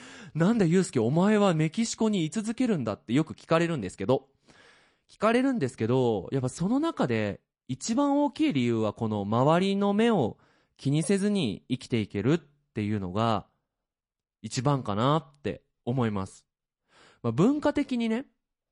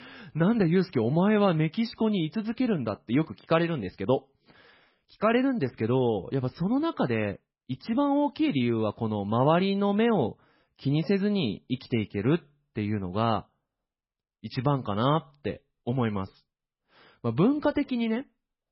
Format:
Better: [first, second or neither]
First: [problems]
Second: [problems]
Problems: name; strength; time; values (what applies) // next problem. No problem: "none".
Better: first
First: garbled, watery; slightly; nothing above 10.5 kHz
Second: garbled, watery; badly; nothing above 5.5 kHz